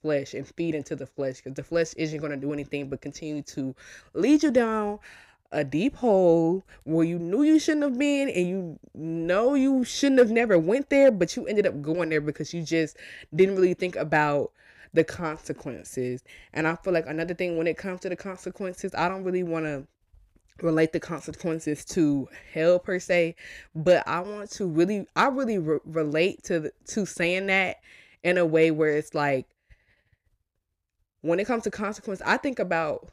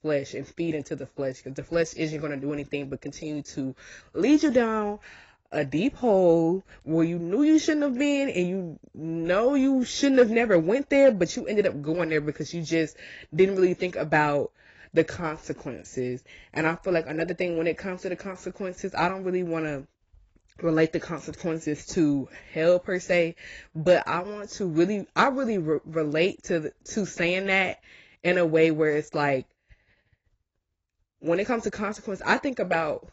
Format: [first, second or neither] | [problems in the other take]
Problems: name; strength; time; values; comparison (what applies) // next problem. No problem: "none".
first | garbled, watery; badly; nothing above 7.5 kHz